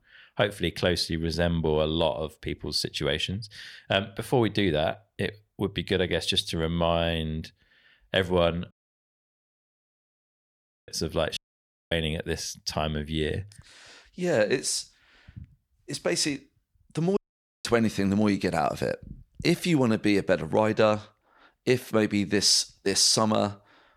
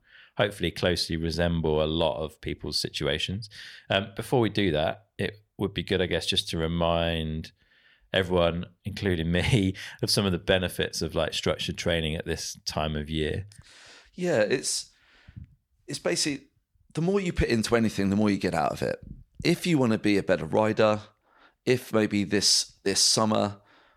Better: second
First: audio cutting out; at 8.5 s for 2 s, at 11 s for 0.5 s and at 17 s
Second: none

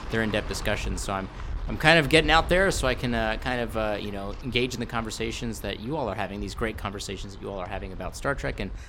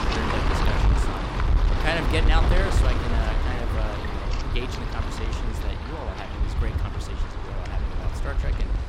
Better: first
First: wind noise on the microphone; occasional gusts; 20 dB below the speech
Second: wind noise on the microphone; heavy; 1 dB above the speech

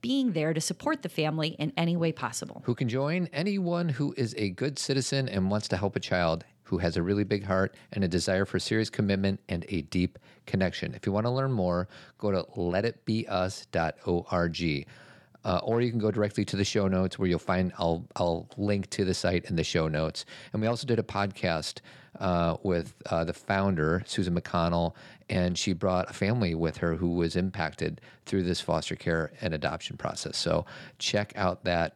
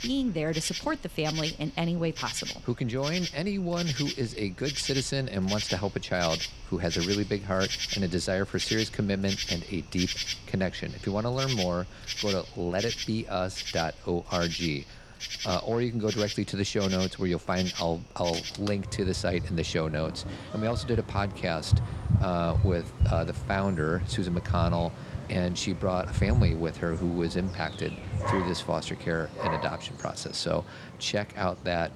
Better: first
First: none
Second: animal sounds; loud; throughout; 3 dB below the speech

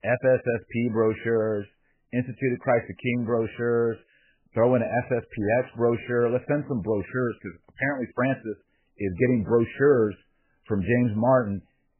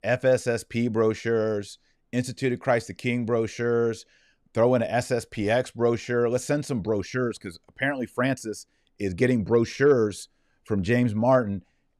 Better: second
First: garbled, watery; badly; nothing above 2.5 kHz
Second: none

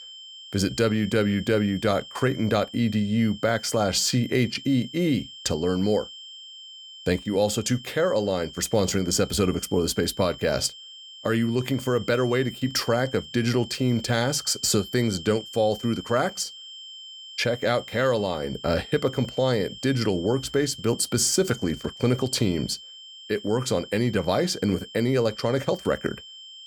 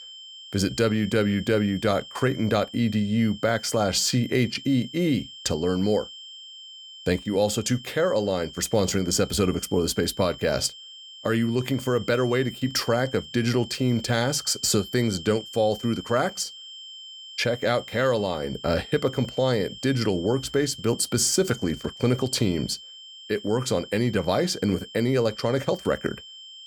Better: neither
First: high-pitched whine; noticeable; throughout; 3 kHz, 15 dB below the speech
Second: high-pitched whine; noticeable; throughout; 3 kHz, 15 dB below the speech

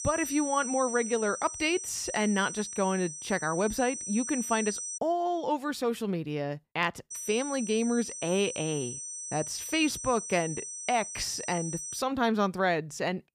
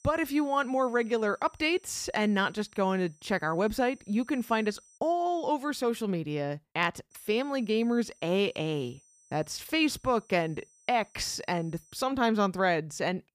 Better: second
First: high-pitched whine; loud; until 5 s and from 7 to 12 s; 6 kHz, 6 dB below the speech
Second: high-pitched whine; faint; until 5 s and from 7 to 12 s; 6 kHz, 30 dB below the speech

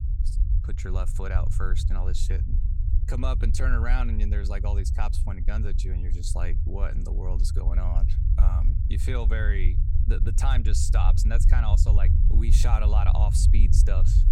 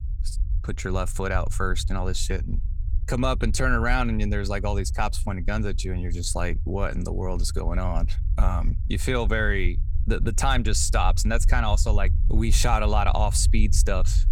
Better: second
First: low rumble; loud; throughout; 7 dB below the speech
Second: low rumble; faint; throughout; 20 dB below the speech

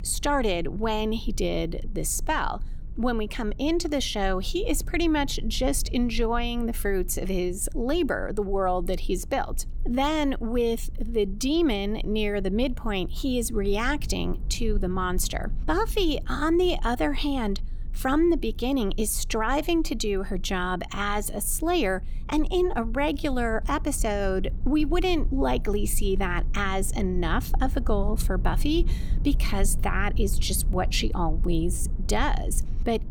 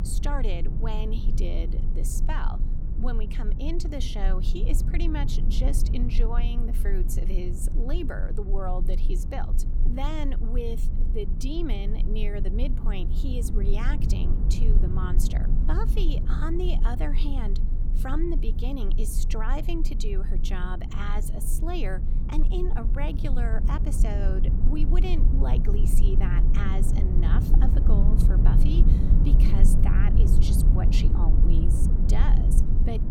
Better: first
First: low rumble; faint; throughout; 25 dB below the speech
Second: low rumble; loud; throughout; 4 dB below the speech

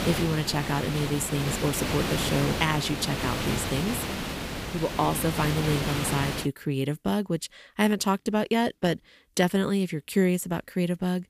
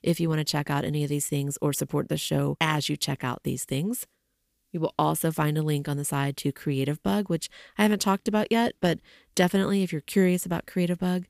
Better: second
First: hiss; loud; until 6.5 s; 3 dB below the speech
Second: none

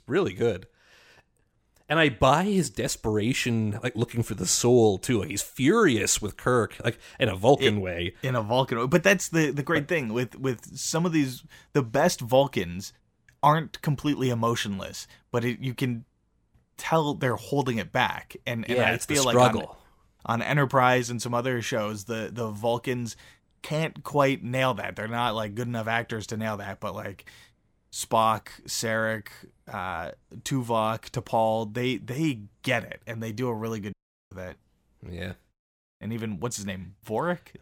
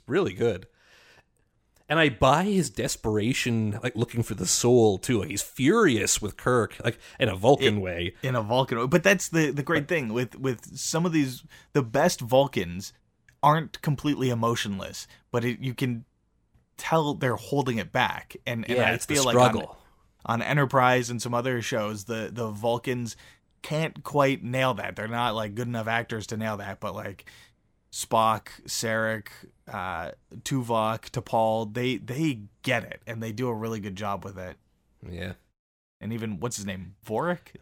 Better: second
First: audio cutting out; at 34 s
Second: none

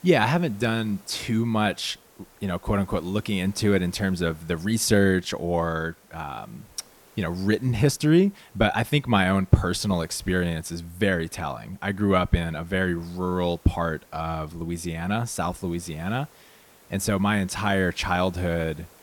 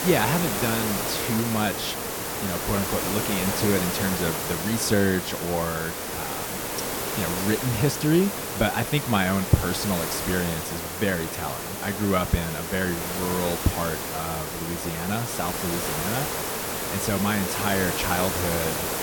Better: first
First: hiss; faint; throughout; 30 dB below the speech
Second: hiss; loud; throughout; 1 dB below the speech

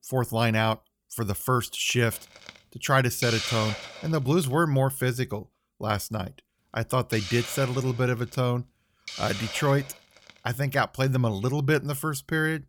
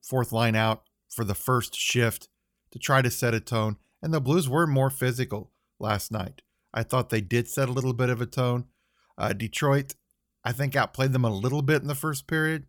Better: second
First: hiss; loud; from 2 to 5 s and from 6.5 to 10 s; 8 dB below the speech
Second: none

